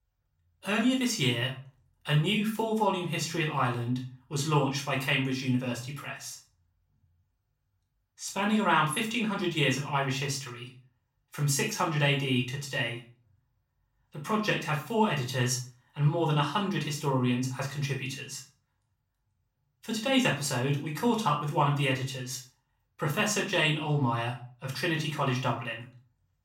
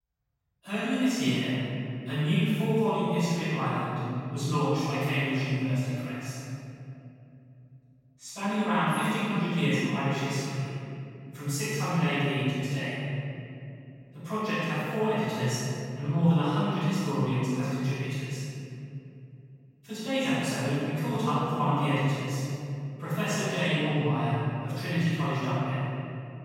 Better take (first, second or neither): first